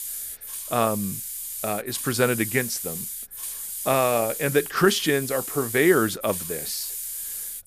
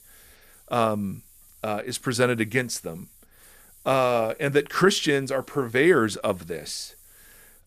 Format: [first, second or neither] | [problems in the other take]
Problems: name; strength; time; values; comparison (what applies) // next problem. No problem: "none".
second | hiss; loud; throughout; 6 dB below the speech; faint in the second